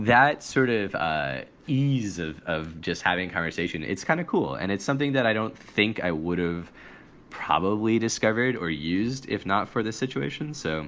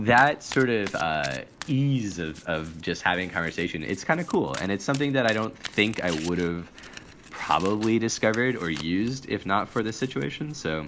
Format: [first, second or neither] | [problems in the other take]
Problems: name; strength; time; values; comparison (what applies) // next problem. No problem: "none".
first | background sound (Domestic sounds, home sounds); 18 dB below the speech